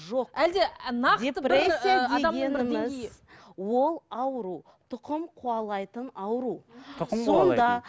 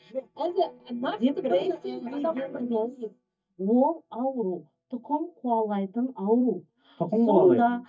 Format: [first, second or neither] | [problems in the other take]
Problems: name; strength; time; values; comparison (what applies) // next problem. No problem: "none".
first | noise reduction (neural mask model DeepFilterNet 3)